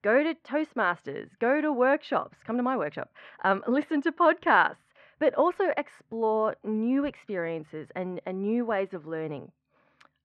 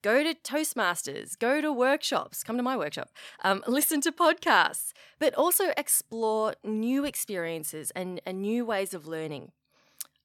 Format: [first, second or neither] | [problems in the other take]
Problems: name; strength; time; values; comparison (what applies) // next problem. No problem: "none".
second | muffled; very; fading above 2 kHz